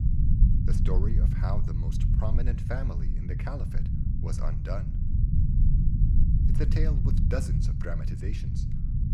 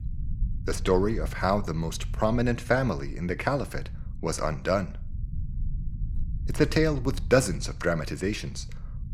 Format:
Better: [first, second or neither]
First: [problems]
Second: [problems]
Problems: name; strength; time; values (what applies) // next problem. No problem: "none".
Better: second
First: low rumble; loud; throughout; 1 dB below the speech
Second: low rumble; faint; throughout; 25 dB below the speech